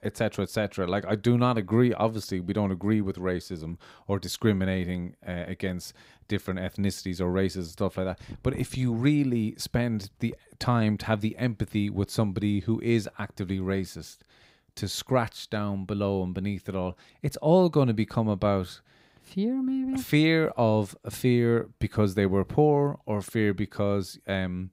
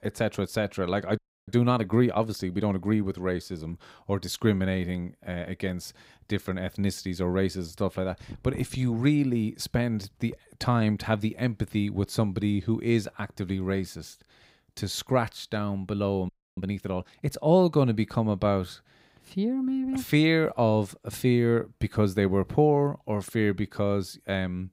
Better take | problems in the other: first | audio freezing; at 1 s and at 16 s

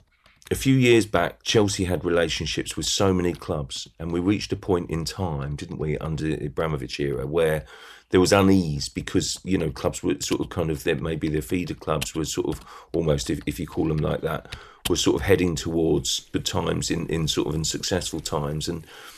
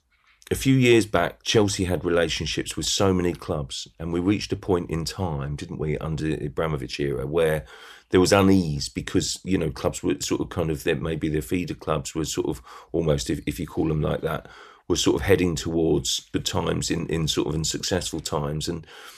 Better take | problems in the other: second | household noises; noticeable; throughout; 20 dB below the speech

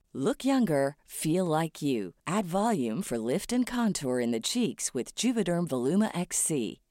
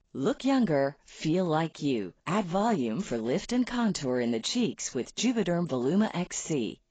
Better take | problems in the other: first | garbled, watery; badly; nothing above 7.5 kHz

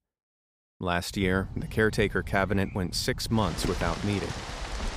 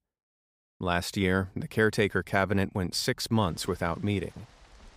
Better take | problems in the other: second | rain or running water; loud; from 1 s on; 9 dB below the speech; faint in the second

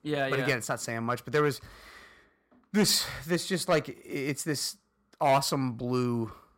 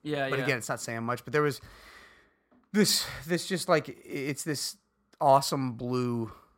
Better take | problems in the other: second | distortion; slight; 1.6% of the sound clipped

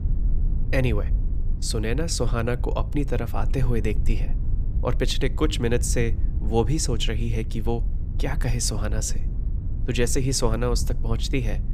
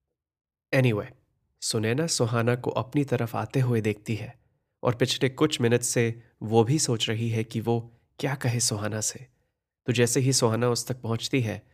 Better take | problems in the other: second | low rumble; noticeable; throughout; 15 dB below the speech

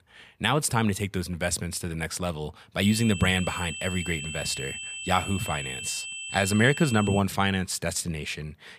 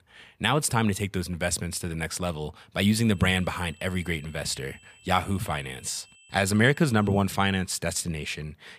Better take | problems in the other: second | high-pitched whine; loud; from 3 to 7 s; 2.5 kHz, 8 dB below the speech; faint in the second

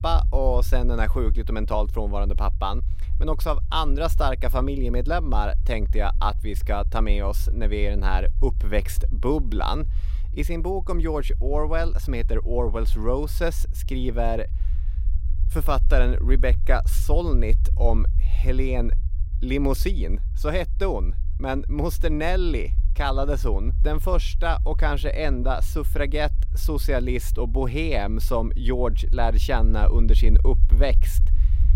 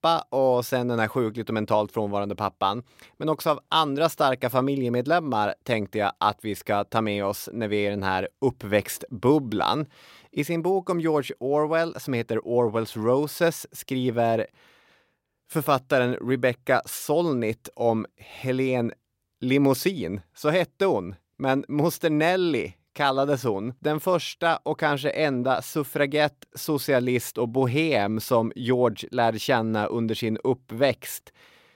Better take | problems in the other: second | low rumble; noticeable; throughout; 20 dB below the speech

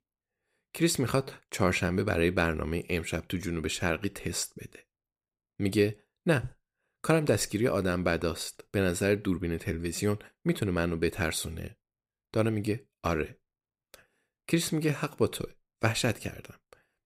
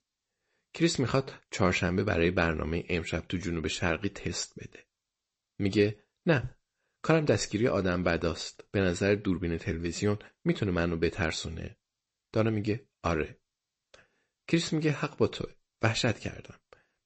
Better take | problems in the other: first | garbled, watery; slightly; nothing above 8 kHz

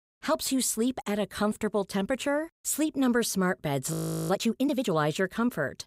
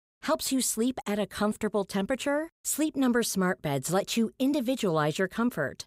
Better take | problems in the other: second | audio freezing; at 4 s

